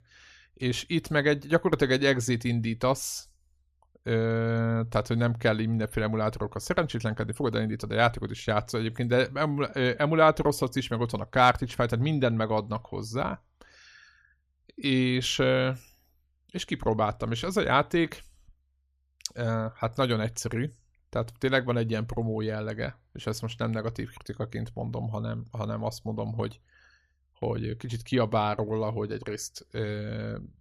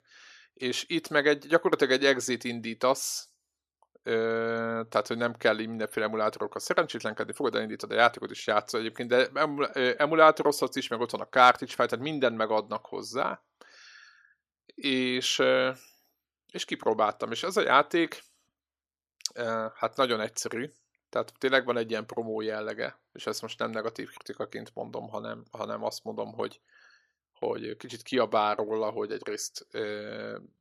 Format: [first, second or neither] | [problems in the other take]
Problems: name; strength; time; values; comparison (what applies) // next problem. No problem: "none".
first | thin; somewhat; fading below 350 Hz